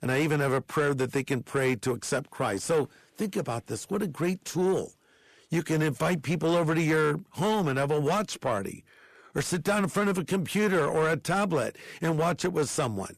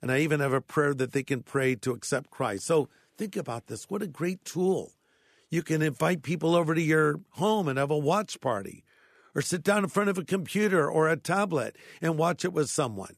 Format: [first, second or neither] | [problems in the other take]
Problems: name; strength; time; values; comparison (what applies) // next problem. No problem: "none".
second | distortion; slight; 10 dB below the speech